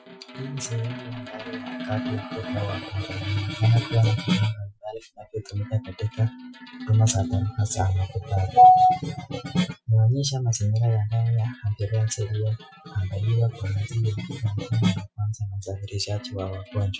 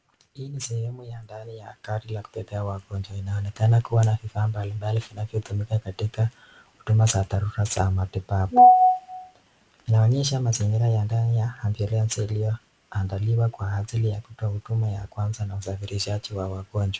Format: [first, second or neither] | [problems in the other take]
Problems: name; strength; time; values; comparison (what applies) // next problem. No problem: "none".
second | noise reduction (classical method Wiener filter)